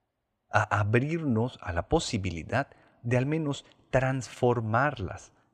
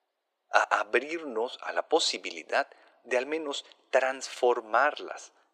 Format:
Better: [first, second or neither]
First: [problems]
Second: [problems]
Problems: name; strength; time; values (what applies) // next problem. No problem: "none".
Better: first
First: none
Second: thin; very; fading below 350 Hz